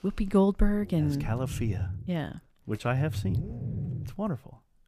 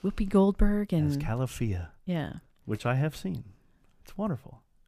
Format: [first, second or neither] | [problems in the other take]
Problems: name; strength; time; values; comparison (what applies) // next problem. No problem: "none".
second | low rumble; noticeable; from 1 to 2 s and from 3 to 4 s; 15 dB below the speech